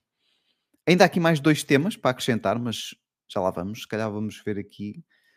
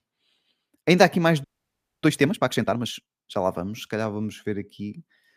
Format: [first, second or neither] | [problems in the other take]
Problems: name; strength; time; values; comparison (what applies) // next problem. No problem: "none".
first | audio freezing; at 1.5 s for 0.5 s